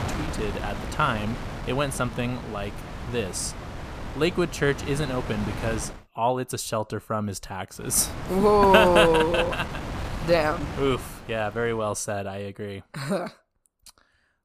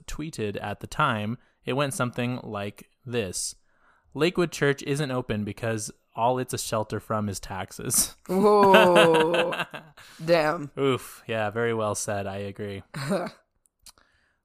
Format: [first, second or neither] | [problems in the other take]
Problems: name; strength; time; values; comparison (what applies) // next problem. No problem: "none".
second | wind noise on the microphone; occasional gusts; until 6 s and from 8 to 12 s; 10 dB below the speech